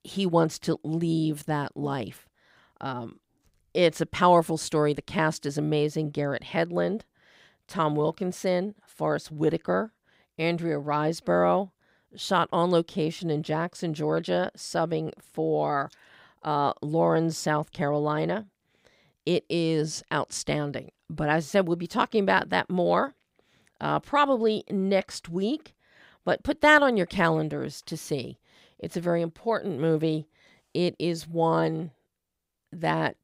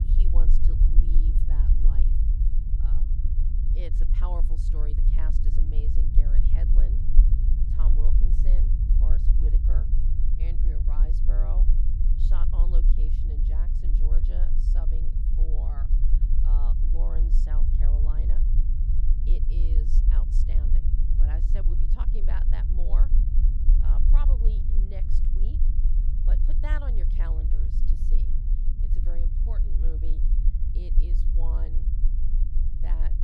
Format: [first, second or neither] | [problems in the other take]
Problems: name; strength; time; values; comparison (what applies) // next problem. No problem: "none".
first | low rumble; loud; throughout; as loud as the speech